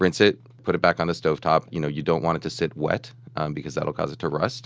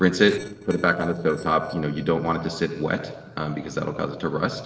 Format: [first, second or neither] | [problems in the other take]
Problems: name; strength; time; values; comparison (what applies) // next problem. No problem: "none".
first | noise reduction (neural separator model SepFormer DNS4)